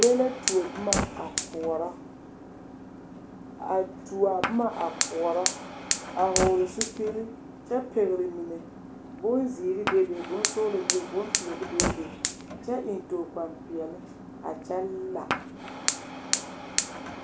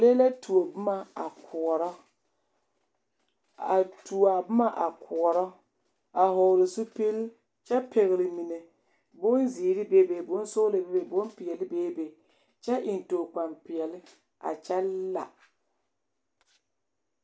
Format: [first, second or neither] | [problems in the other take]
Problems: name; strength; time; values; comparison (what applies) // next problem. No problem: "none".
second | background sound (Fire); 3 dB below the speech // room echo; dies away in 0.4 s